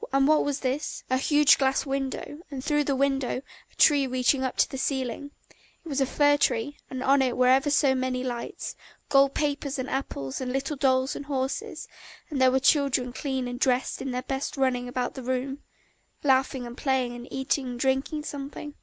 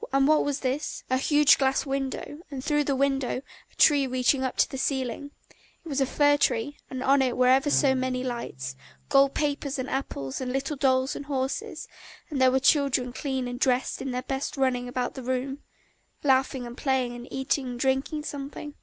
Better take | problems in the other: first | background sound (Bowed string instrument); 20 dB below the speech

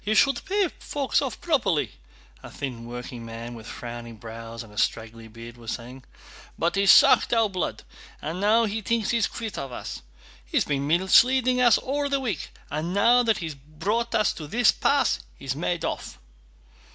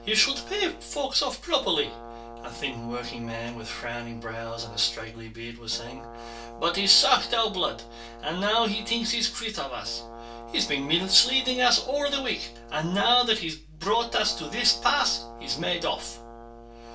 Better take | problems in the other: first | background sound (Brass instrument); 16 dB below the speech // room echo; dies away in 0.2 s

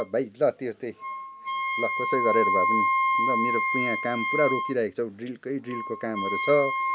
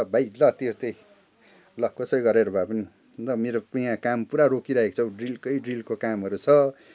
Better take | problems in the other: second | background sound (Wind instrument, woodwind instrument); 1 dB above the speech

